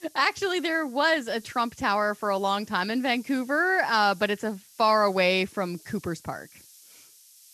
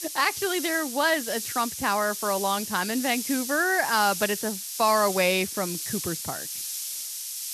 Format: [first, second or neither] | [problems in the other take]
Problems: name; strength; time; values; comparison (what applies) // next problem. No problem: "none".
first | hiss; loud; throughout; 5 dB below the speech; faint in the first